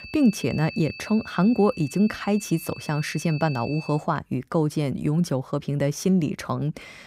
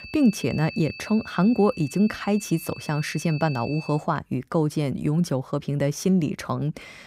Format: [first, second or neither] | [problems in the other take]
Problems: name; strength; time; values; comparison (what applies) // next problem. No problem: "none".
neither | high-pitched whine; noticeable; until 4 s; 2.5 kHz, 15 dB below the speech; the same in both